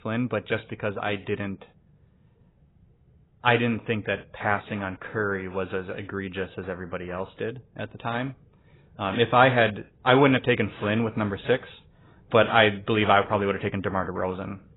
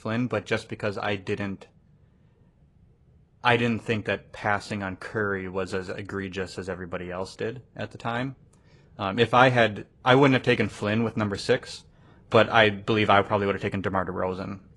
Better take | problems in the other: second | garbled, watery; badly; nothing above 3.5 kHz; slightly in the second

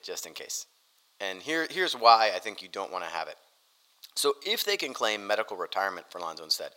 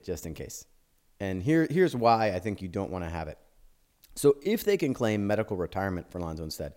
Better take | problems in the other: second | thin; very; fading below 800 Hz

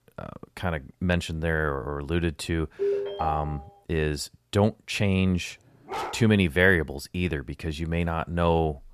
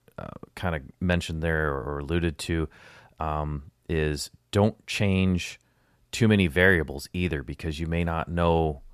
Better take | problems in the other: second | phone ringing; noticeable; at 3 s; peak 1 dB below the speech // dog barking; noticeable; at 6 s; peak 7 dB below the speech

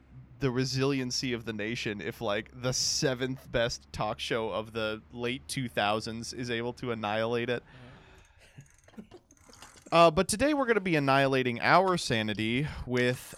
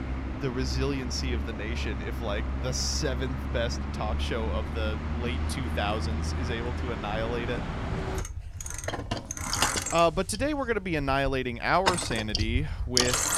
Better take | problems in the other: first | traffic noise; loud; throughout; 1 dB below the speech; faint in the first

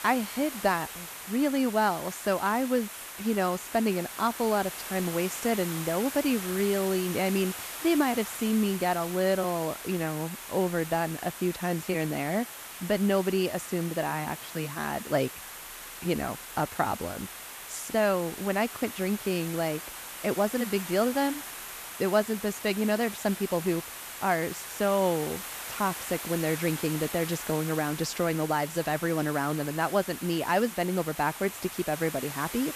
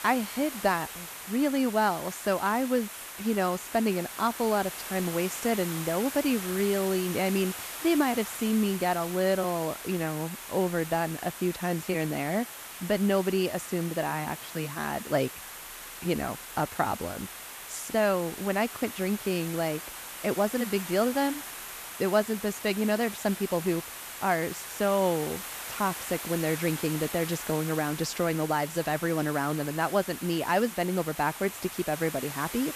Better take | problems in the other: neither | hiss; loud; throughout; 9 dB below the speech; the same in both

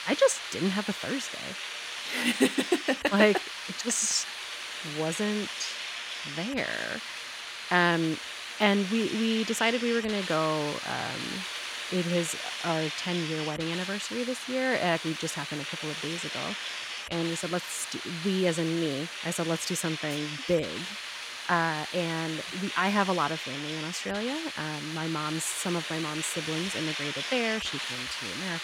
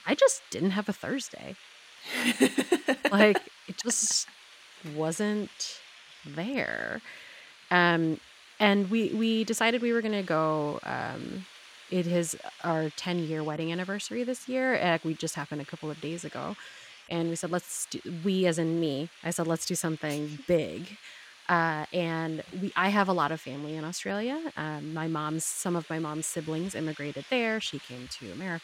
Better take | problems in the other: second | hiss; loud; throughout; 5 dB below the speech; faint in the second

